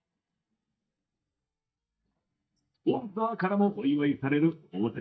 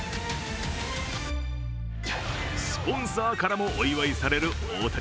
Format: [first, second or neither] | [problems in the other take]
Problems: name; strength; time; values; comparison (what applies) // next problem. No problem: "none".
second | noise reduction (neural mask model DeepFilterNet 3)